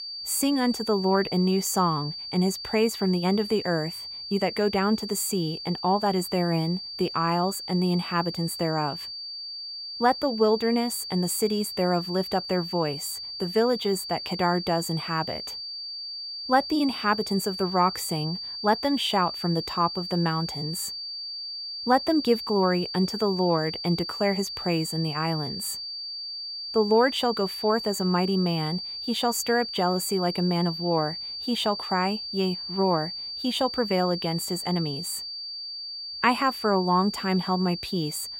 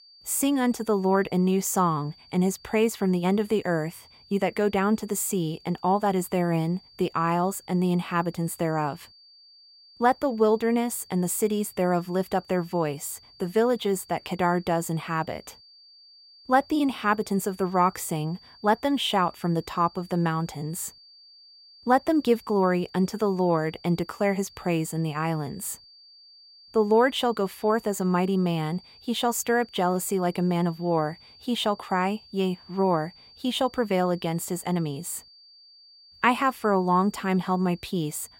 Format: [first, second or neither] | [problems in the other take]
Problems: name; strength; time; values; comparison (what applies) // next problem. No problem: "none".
second | high-pitched whine; loud; throughout; 4.5 kHz, 7 dB below the speech; faint in the second